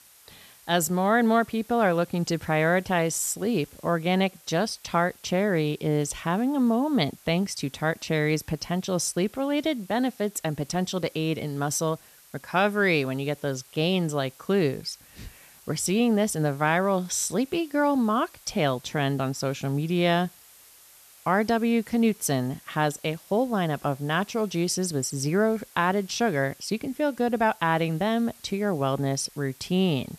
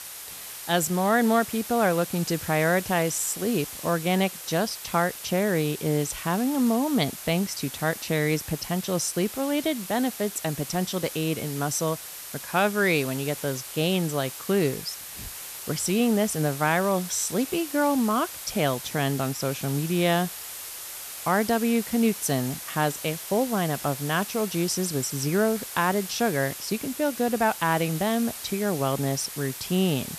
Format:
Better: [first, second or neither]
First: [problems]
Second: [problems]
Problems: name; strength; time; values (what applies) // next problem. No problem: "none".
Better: first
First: hiss; faint; throughout; 25 dB below the speech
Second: hiss; loud; throughout; 9 dB below the speech